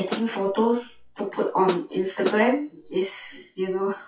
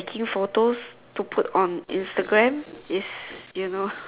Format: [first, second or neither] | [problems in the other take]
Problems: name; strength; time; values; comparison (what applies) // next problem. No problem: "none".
second | noise reduction (classical method WPE with log-MMSE)